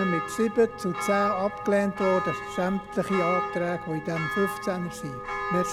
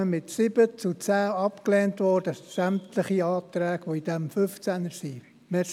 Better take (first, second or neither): second